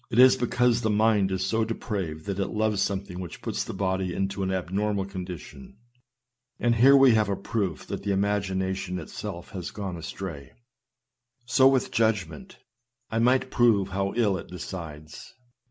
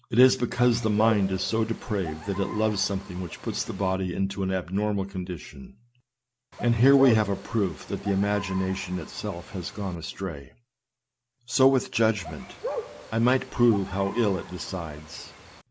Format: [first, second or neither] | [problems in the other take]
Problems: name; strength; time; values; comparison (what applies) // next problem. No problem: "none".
first | background sound (Bird); 13 dB below the speech